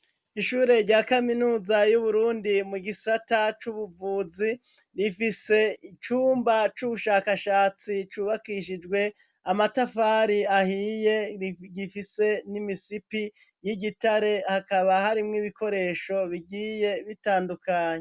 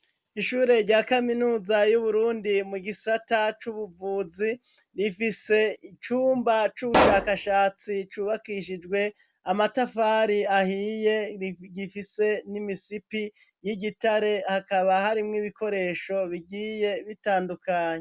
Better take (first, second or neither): first